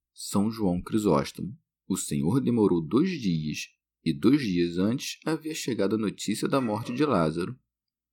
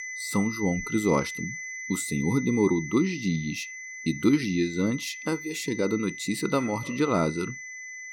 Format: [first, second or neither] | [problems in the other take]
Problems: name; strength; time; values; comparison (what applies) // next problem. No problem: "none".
first | high-pitched whine; loud; throughout; 2 kHz, 9 dB below the speech